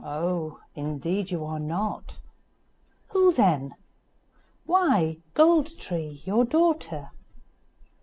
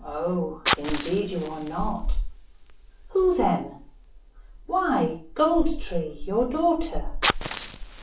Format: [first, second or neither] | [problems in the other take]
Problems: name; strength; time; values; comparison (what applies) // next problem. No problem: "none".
first | background sound (Fire); 10 dB below the speech // room echo; dies away in 0.4 s